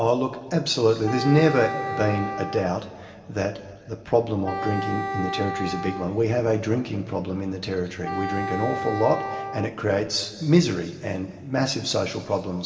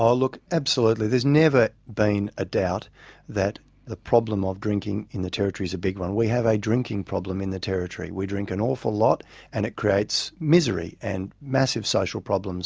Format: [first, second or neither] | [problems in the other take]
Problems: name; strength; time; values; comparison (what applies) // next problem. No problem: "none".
second | background sound (Wind instrument, woodwind instrument); 7 dB below the speech // room echo; dies away in 2 s